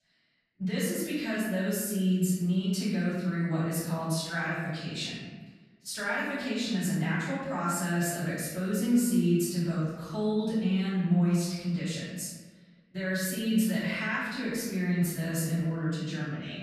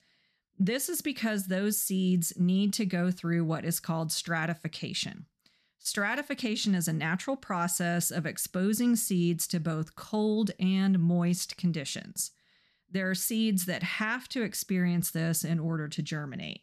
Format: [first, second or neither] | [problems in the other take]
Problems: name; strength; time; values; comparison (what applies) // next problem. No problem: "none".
second | room echo; strong; dies away in 1.2 s // off-mic speech; far